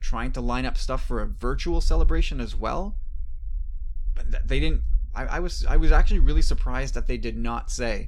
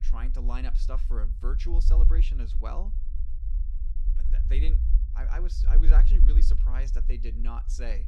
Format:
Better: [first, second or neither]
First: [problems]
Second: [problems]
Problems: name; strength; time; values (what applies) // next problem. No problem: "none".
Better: first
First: low rumble; faint; throughout; 25 dB below the speech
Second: low rumble; loud; throughout; 7 dB below the speech